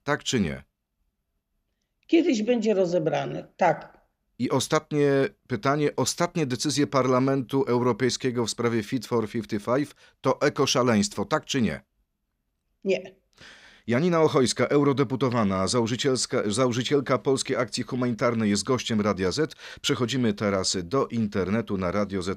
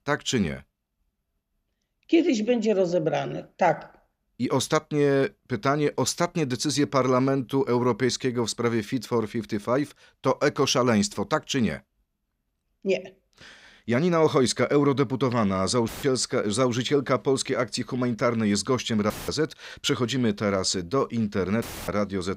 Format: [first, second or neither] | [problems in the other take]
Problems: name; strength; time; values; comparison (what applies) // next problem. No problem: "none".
first | audio cutting out; filled with static; at 16 s, at 19 s and at 22 s